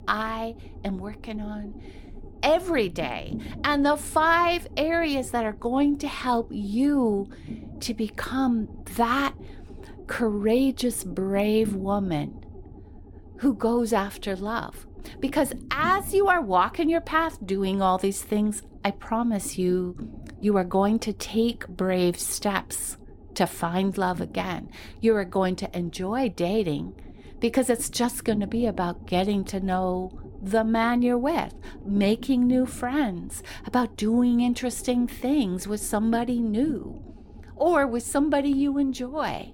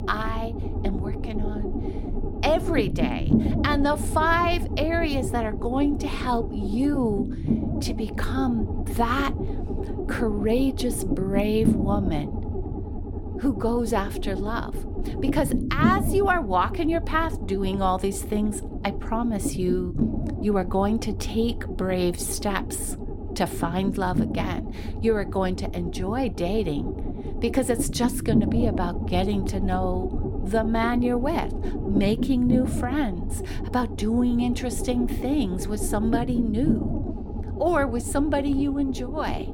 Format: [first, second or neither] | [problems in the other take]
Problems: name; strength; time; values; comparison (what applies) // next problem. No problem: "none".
first | low rumble; loud; throughout; 8 dB below the speech; faint in the first